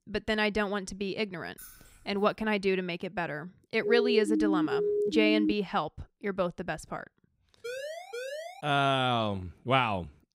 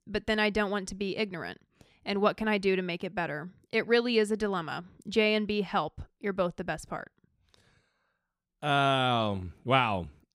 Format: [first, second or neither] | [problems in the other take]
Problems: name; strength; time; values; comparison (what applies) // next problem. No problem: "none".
second | jangling keys; faint; at 1.5 s; peak 20 dB below the speech // siren; loud; from 4 to 5.5 s; peak 2 dB above the speech // siren; noticeable; at 7.5 s; peak 8 dB below the speech